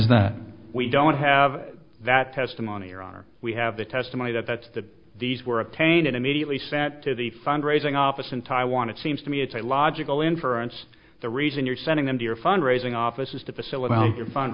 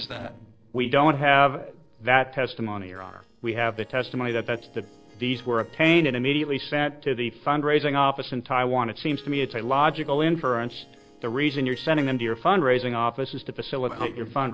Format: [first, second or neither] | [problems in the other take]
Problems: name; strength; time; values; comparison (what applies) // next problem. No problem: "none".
first | noise reduction (neural separator model SepFormer DNS4)